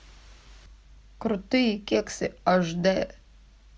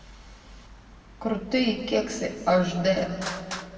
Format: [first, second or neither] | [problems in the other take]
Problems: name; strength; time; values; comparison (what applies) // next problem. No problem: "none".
first | background sound (Traffic noise, roadway noise); 16 dB below the speech // room echo; dies away in 2.1 s